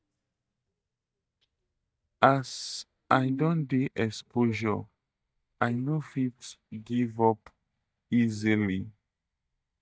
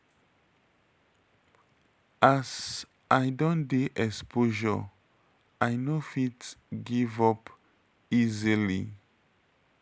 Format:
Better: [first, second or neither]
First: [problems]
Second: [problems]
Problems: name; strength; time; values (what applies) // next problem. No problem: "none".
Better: second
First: noise reduction (neural mask model DeepFilterNet 3)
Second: none